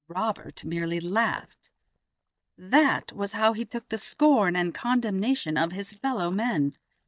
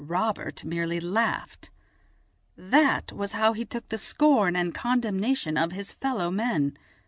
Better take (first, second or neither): second